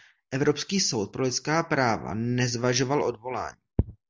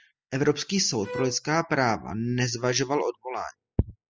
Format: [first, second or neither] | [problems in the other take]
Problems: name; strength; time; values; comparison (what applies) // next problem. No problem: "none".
first | noise reduction (classical method spectral subtraction)